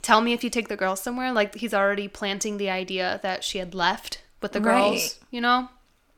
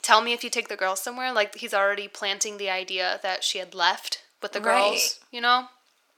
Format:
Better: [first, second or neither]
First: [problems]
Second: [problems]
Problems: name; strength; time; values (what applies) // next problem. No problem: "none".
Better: first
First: none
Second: thin; somewhat; fading below 500 Hz